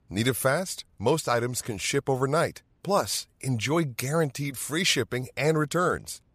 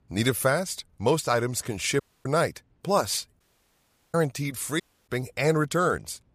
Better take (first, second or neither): first